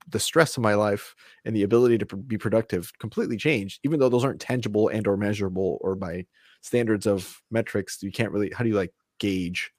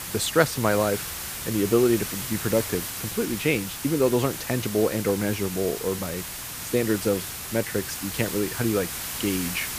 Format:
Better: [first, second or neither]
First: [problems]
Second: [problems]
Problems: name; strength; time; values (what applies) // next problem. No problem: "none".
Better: first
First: none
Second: hiss; loud; throughout; 6 dB below the speech